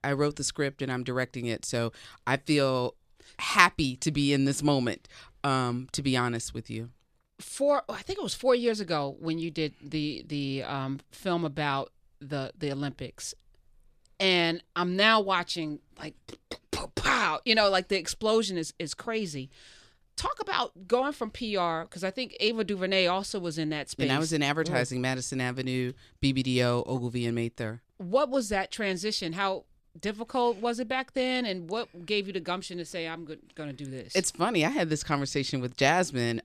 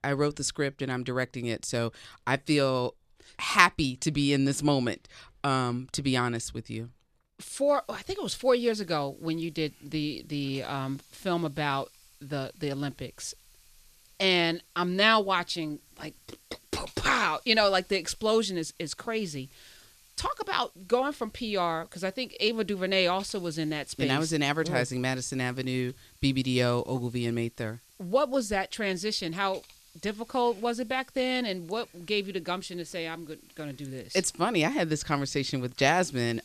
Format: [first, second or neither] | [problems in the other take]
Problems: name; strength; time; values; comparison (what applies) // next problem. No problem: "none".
first | hiss; faint; from 7.5 s on; 25 dB below the speech